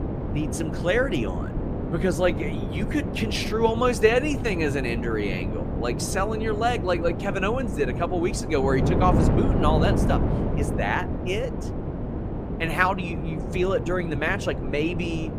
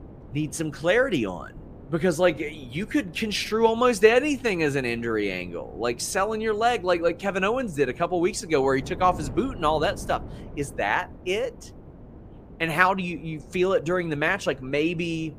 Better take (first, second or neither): second